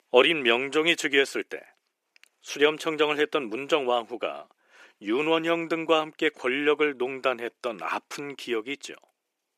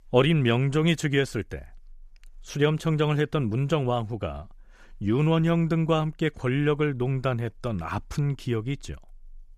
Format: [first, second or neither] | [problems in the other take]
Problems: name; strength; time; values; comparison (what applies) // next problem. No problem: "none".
second | thin; very; fading below 300 Hz